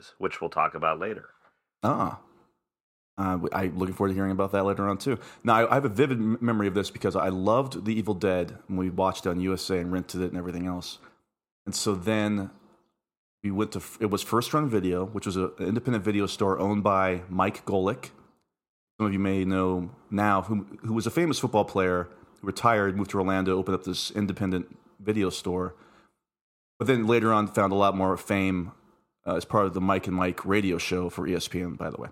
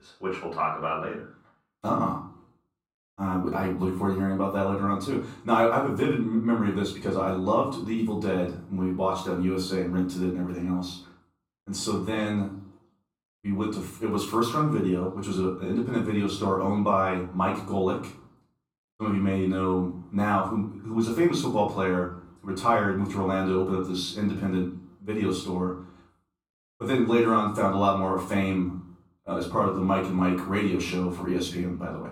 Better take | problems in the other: first | off-mic speech; far // room echo; slight; dies away in 0.4 s

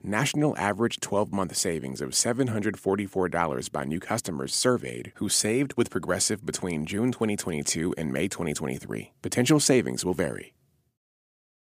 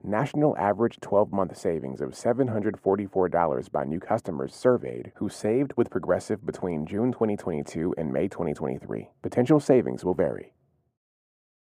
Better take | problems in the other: first | muffled; very; fading above 2 kHz

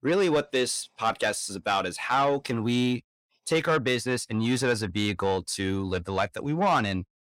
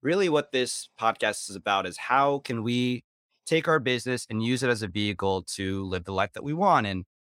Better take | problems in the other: second | distortion; slight; 10 dB below the speech

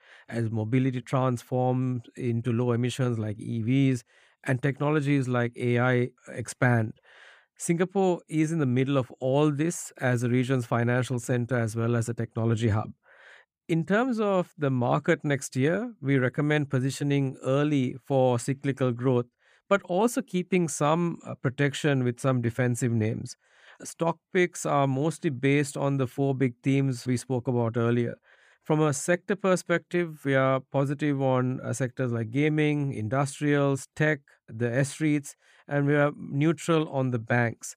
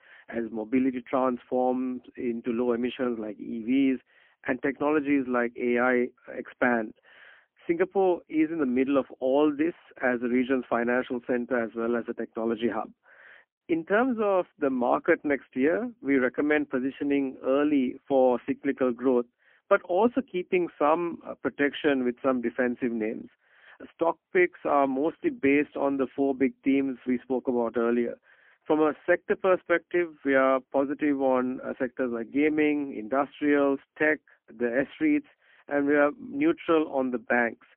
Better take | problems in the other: first | phone-call audio; poor line; nothing above 3.5 kHz

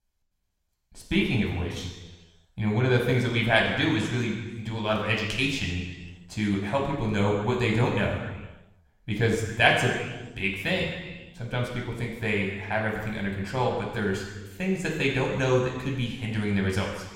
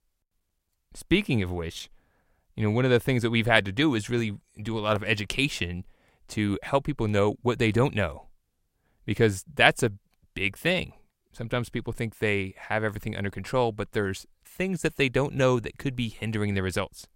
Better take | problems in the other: second | room echo; noticeable; dies away in 1.3 s // off-mic speech; somewhat distant

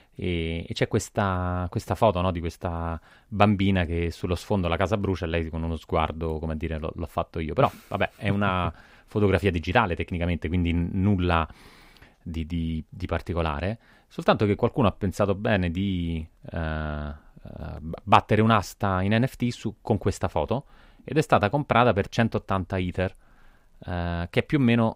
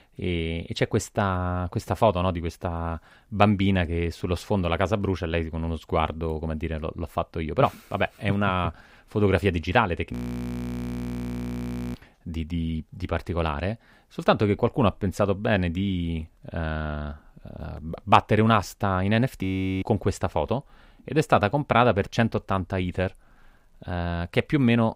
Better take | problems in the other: first | audio freezing; at 10 s for 2 s and at 19 s

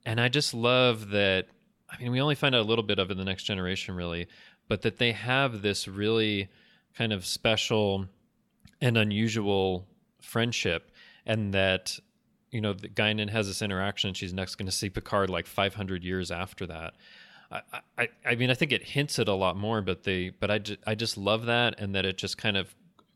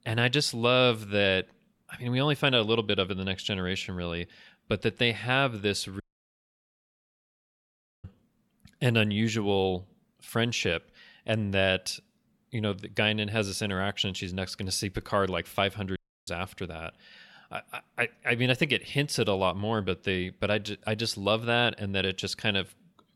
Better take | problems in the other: first | audio cutting out; at 6 s for 2 s and at 16 s

